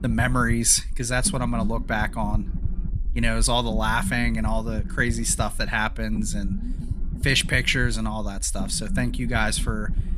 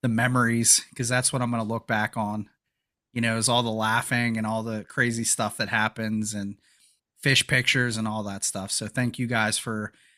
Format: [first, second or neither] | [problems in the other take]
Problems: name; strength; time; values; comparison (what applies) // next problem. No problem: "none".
second | low rumble; noticeable; throughout; 20 dB below the speech